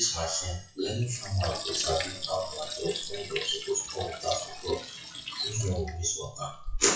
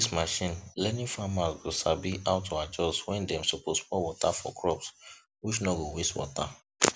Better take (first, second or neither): second